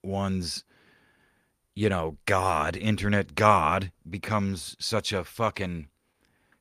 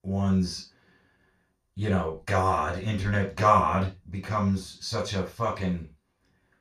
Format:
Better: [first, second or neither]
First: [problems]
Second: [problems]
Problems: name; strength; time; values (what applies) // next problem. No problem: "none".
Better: first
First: none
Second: room echo; slight; dies away in 0.3 s // off-mic speech; far